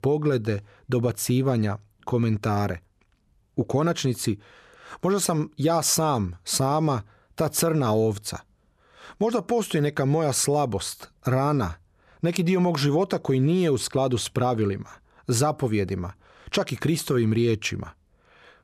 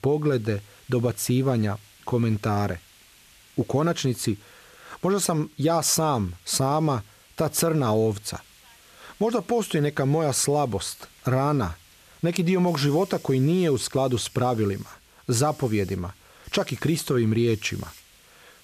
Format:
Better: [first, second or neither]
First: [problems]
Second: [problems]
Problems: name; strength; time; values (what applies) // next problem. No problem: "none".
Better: first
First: none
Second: hiss; faint; throughout; 25 dB below the speech